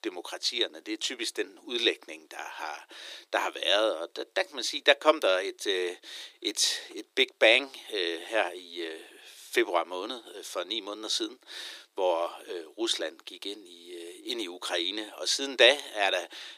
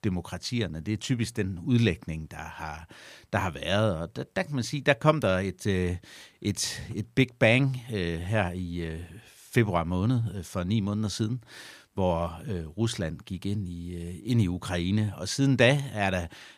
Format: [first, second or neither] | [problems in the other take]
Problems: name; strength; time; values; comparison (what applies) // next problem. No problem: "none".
second | thin; very; fading below 350 Hz